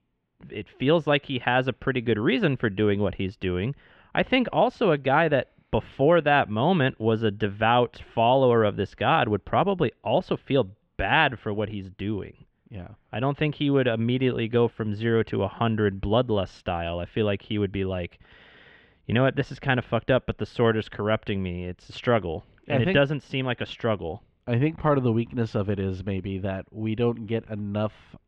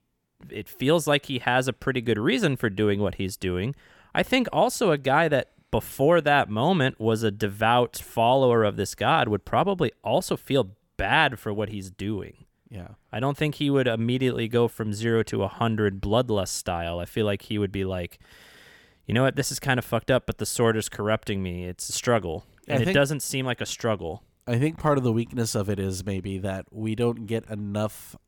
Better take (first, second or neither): second